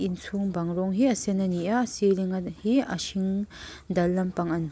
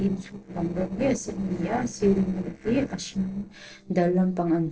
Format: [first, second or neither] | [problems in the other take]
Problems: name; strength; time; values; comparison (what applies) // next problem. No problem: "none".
first | noise reduction (neural separator model SepFormer DNS4)